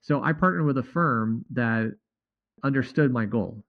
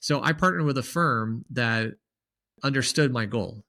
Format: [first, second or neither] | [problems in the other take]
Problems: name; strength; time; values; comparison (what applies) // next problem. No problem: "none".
second | muffled; very; fading above 1.5 kHz